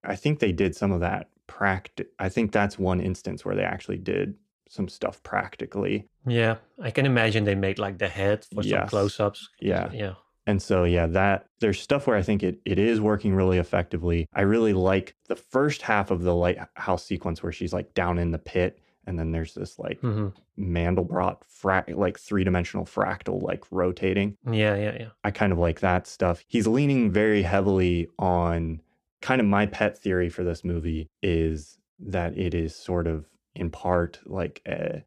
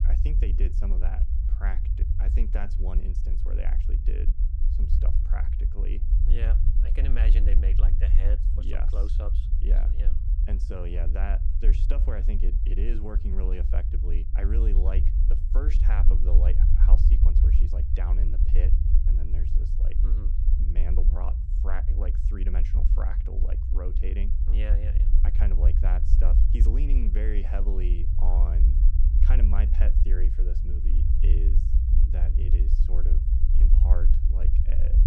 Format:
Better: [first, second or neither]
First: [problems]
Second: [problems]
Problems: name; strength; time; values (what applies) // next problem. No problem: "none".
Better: first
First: none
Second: low rumble; loud; throughout; 3 dB below the speech